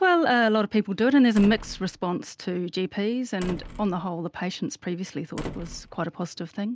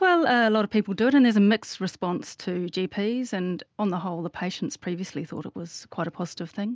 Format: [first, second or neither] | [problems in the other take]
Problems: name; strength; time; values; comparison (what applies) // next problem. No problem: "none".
second | background sound (Slam); 17 dB below the speech